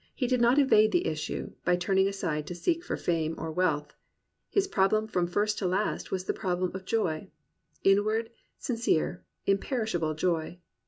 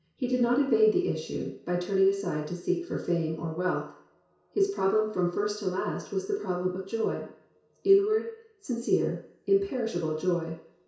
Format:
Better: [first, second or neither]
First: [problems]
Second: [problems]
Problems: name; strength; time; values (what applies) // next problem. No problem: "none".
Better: first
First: none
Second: room echo; dies away in 0.6 s